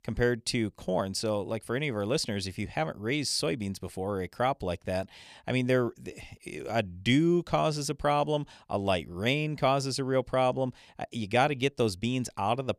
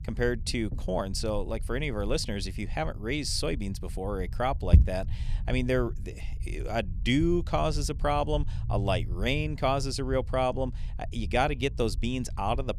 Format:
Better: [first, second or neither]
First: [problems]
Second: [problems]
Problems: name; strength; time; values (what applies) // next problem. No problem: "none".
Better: first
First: none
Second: low rumble; noticeable; throughout; 20 dB below the speech